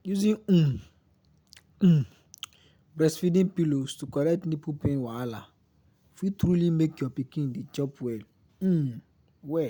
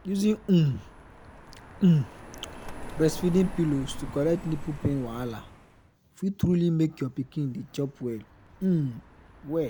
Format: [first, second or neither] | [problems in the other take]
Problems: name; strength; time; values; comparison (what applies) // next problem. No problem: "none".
first | background sound (Car passing by); 15 dB below the speech